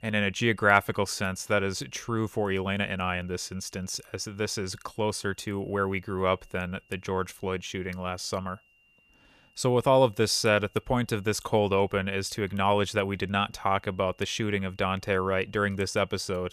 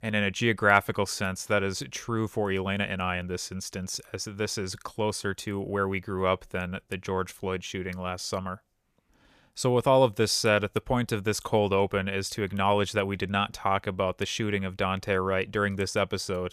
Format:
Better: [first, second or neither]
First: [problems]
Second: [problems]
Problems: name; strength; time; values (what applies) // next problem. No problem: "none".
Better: second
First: high-pitched whine; faint; throughout; 3 kHz, 35 dB below the speech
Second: none